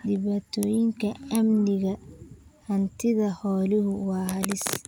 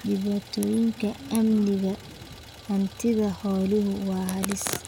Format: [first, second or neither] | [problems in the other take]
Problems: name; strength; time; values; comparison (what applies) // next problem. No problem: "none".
first | background sound (Idling); 18 dB below the speech